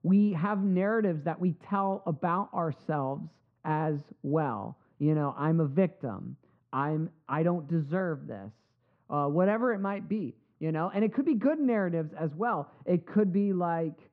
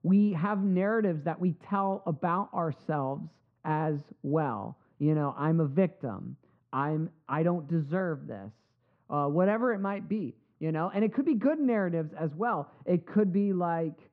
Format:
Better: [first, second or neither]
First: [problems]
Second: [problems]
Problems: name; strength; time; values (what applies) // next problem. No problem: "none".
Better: neither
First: muffled; very; fading above 1 kHz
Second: muffled; very; fading above 1 kHz